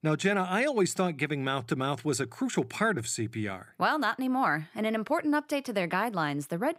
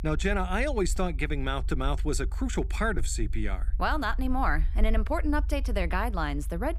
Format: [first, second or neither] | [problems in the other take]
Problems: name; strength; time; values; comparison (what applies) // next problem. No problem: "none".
first | low rumble; faint; throughout; 25 dB below the speech